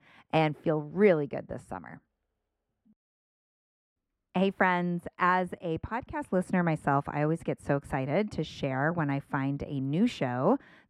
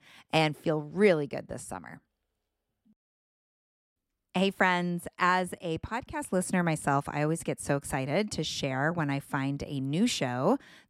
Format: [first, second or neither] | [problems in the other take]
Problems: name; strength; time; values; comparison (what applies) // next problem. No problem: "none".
second | muffled; slightly; fading above 3.5 kHz